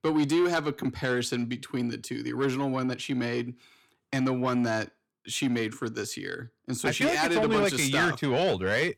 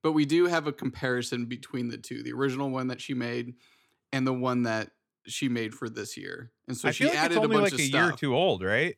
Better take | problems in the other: second | distortion; slight; 10 dB below the speech

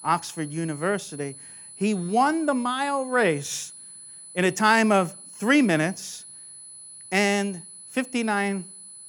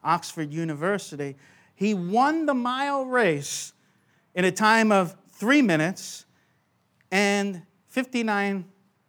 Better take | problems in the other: second | high-pitched whine; noticeable; throughout; 10 kHz, 15 dB below the speech

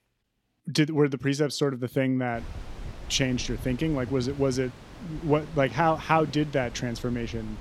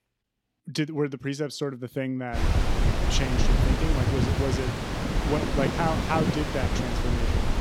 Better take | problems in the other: first | wind noise on the microphone; heavy; from 2.5 s on; as loud as the speech; occasional gusts in the first

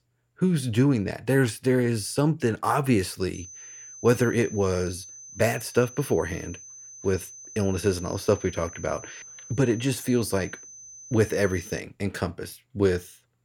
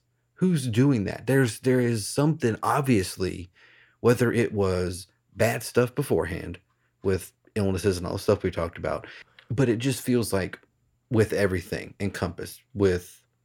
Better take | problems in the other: second | high-pitched whine; noticeable; from 3.5 to 12 s; 6 kHz, 15 dB below the speech

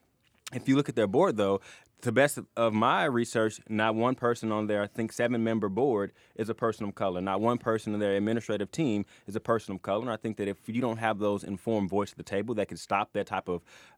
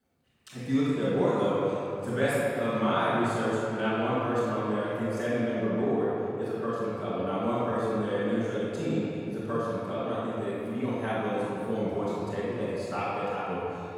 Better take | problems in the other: first | off-mic speech; far // room echo; strong; dies away in 2.6 s

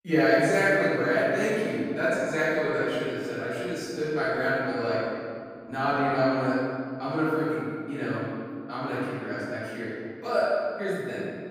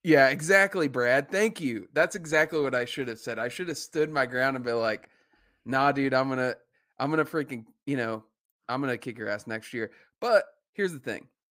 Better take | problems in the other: second | off-mic speech; far // room echo; strong; dies away in 2.1 s

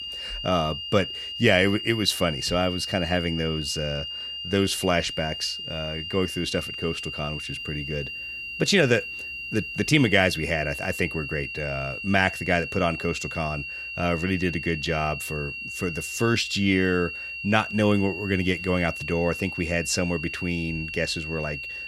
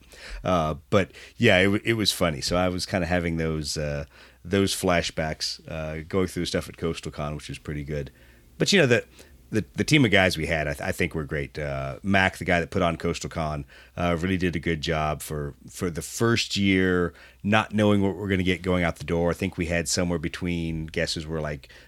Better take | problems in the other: second | high-pitched whine; loud; throughout; 3 kHz, 6 dB below the speech

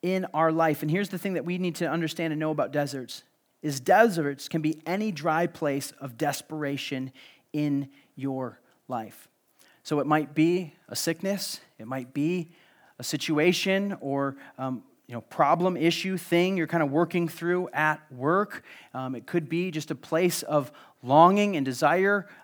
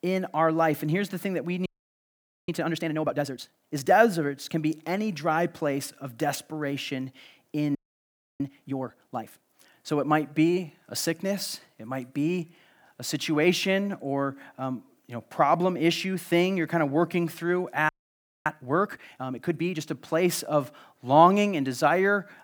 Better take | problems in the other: first | audio freezing; at 1.5 s for 1 s, at 8 s for 0.5 s and at 18 s for 0.5 s

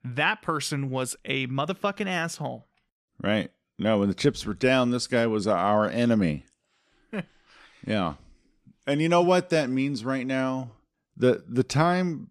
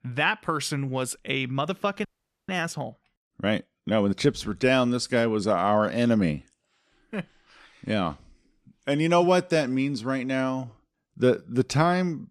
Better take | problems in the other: first | audio freezing; at 2 s

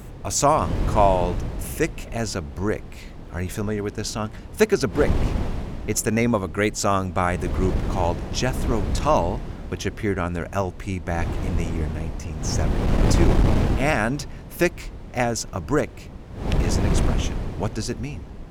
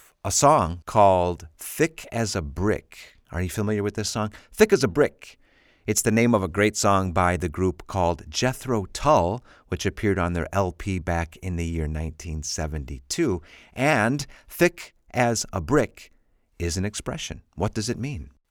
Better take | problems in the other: second | wind noise on the microphone; heavy; 8 dB below the speech

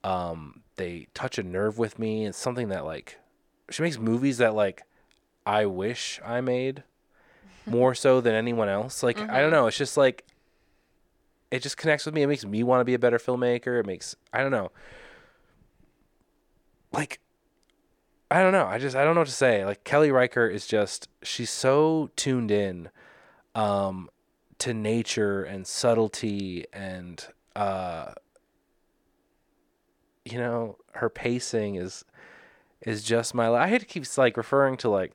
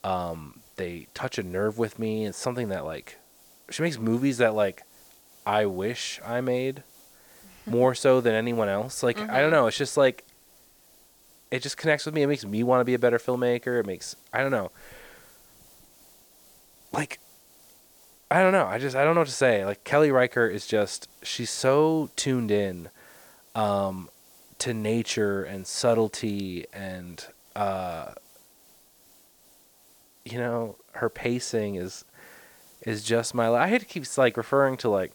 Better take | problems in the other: first | hiss; faint; throughout; 25 dB below the speech

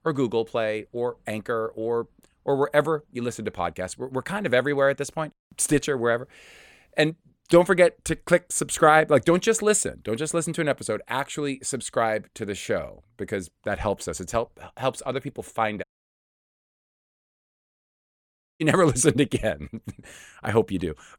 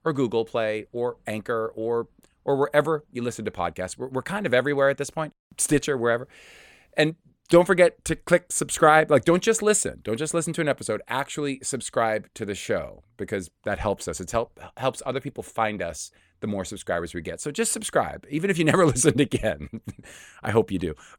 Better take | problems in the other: second | audio cutting out; at 16 s for 3 s

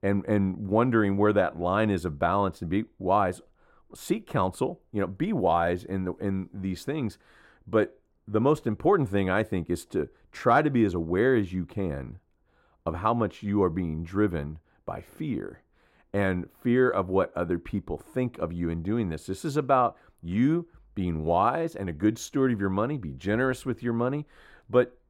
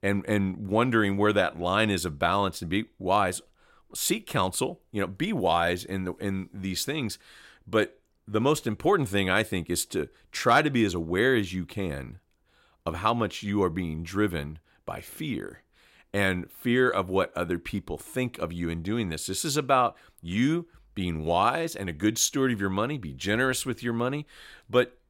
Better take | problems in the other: second | muffled; slightly; fading above 2 kHz

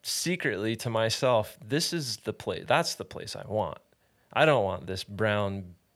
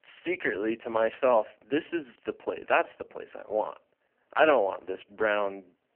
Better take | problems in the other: first | phone-call audio; poor line; nothing above 3 kHz

